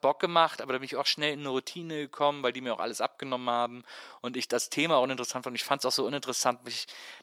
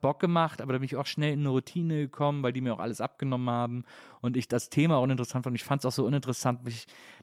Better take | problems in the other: second | thin; somewhat; fading below 450 Hz

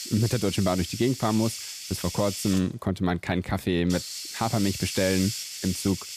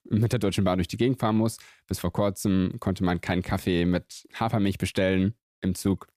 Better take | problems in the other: second | hiss; loud; throughout; 7 dB below the speech

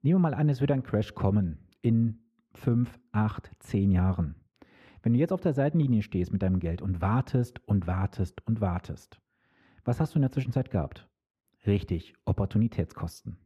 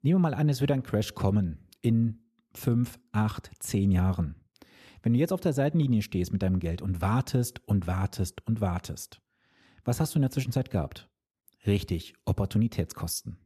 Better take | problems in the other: second | muffled; slightly; fading above 4 kHz

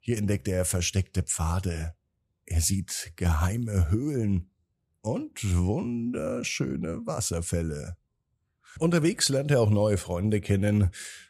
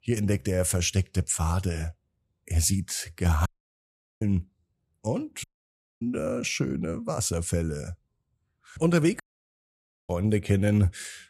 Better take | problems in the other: first | audio cutting out; at 3.5 s for 1 s, at 5.5 s for 0.5 s and at 9 s for 1 s

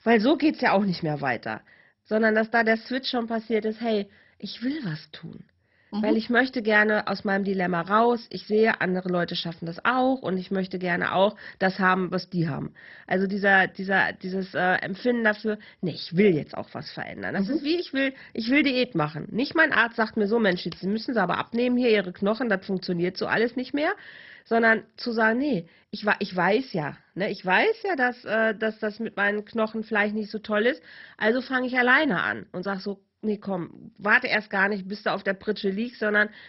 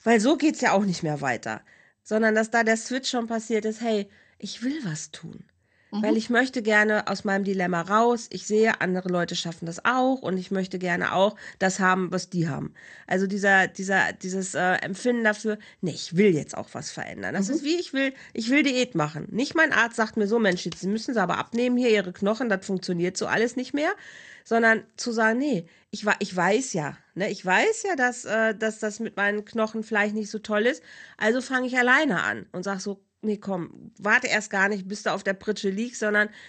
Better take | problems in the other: second | garbled, watery; badly; nothing above 5.5 kHz; slightly in the second

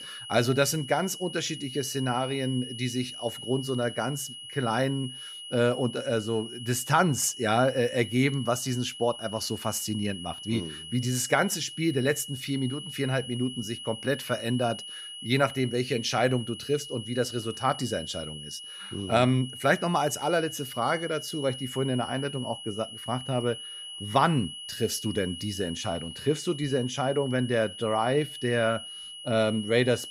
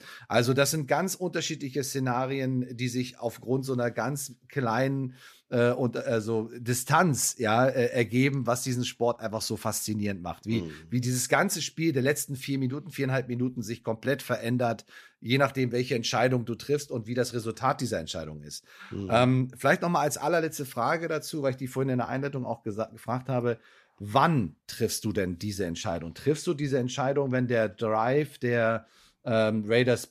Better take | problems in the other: second | high-pitched whine; noticeable; throughout; 3 kHz, 10 dB below the speech

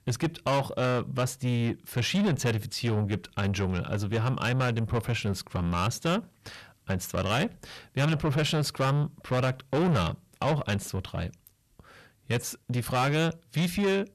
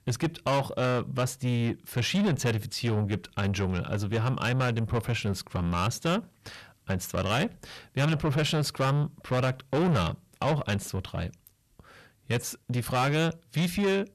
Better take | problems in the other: neither | distortion; heavy; 8 dB below the speech; the same in both

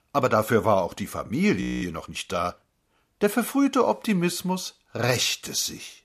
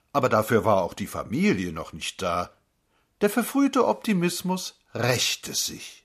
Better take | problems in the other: second | audio freezing; at 1.5 s

